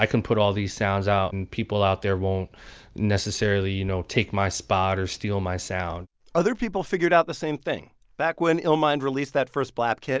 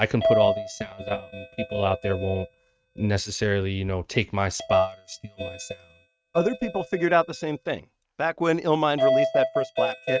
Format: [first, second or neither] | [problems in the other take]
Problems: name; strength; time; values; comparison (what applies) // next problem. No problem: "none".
first | noise reduction (neural mask model RNNoise)